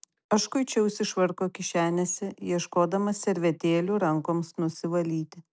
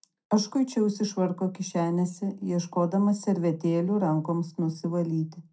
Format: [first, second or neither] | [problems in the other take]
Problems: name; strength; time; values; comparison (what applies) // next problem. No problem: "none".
first | room echo; dies away in 0.2 s